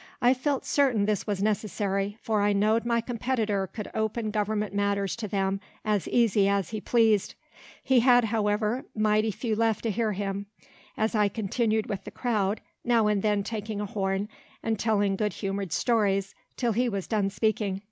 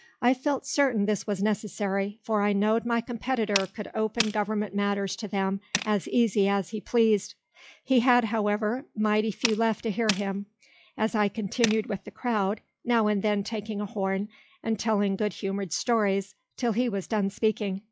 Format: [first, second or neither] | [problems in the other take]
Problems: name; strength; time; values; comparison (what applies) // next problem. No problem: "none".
first | noise reduction (classical method log-MMSE)